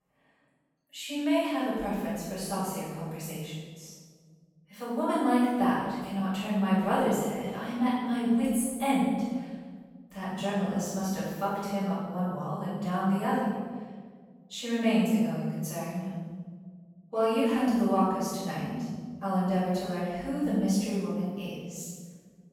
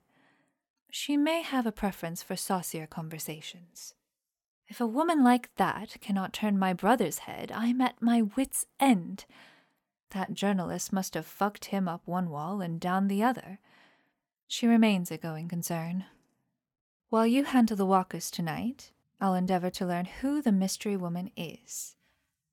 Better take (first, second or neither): second